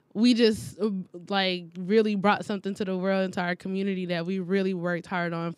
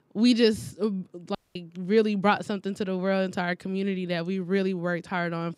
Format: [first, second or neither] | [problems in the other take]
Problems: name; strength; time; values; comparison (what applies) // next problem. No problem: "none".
first | audio cutting out; at 1.5 s